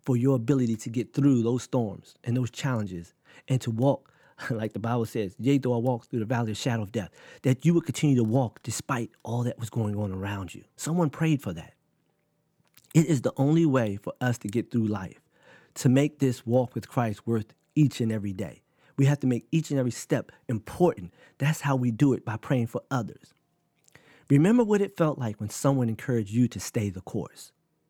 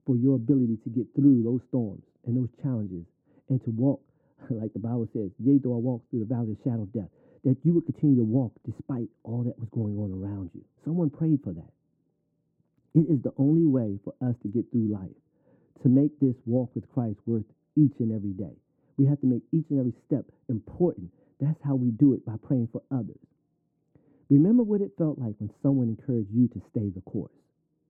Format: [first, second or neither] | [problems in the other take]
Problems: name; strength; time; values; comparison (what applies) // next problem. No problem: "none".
first | muffled; very; fading above 1.5 kHz